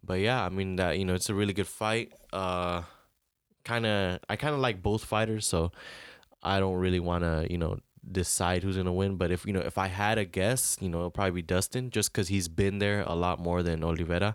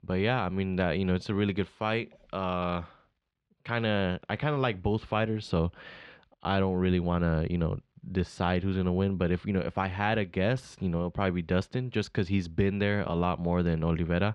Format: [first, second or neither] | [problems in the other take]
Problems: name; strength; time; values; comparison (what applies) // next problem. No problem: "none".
first | muffled; slightly; fading above 3.5 kHz